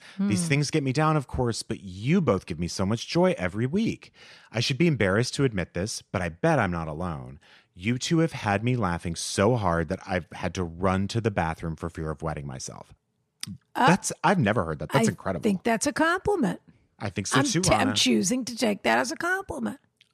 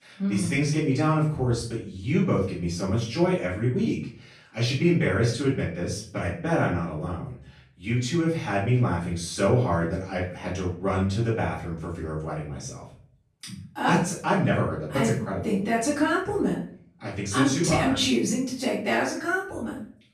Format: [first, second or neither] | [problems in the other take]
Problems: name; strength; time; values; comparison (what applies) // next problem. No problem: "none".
first | off-mic speech; far // room echo; noticeable; dies away in 0.4 s